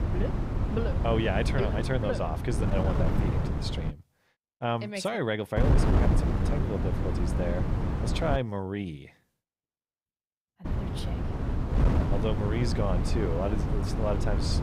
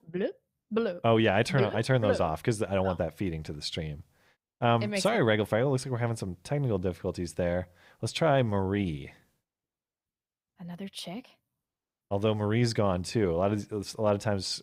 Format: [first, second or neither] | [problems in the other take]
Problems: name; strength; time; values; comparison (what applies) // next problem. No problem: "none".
second | wind noise on the microphone; heavy; until 4 s, from 5.5 to 8.5 s and from 11 s on; 4 dB below the speech